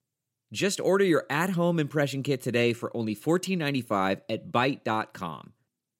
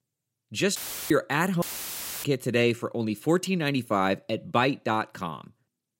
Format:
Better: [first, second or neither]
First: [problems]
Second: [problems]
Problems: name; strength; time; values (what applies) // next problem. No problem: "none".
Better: first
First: none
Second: audio cutting out; filled with static; at 1 s and at 1.5 s for 0.5 s